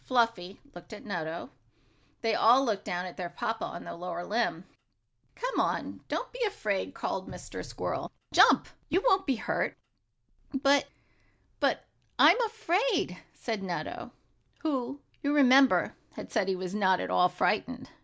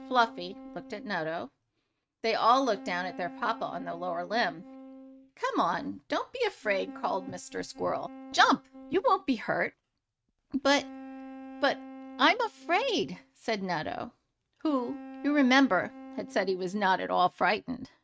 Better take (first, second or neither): first